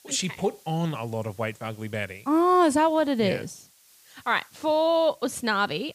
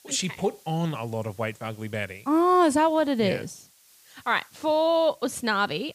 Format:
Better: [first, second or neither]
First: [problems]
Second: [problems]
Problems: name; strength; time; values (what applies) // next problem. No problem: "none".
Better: neither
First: hiss; faint; throughout; 30 dB below the speech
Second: hiss; faint; throughout; 30 dB below the speech